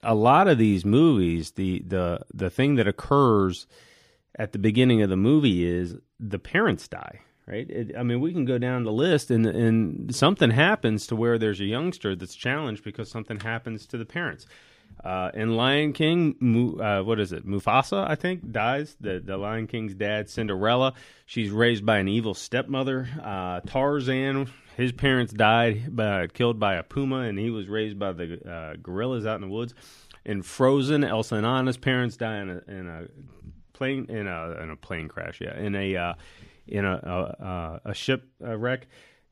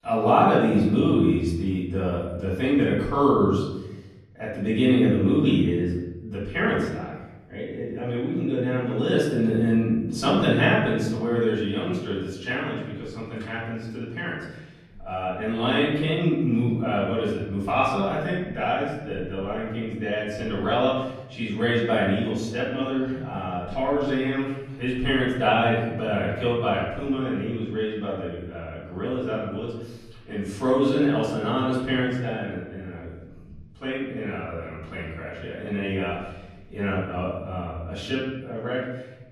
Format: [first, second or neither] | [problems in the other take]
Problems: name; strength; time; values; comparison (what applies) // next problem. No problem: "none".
first | off-mic speech; far // room echo; noticeable; dies away in 1 s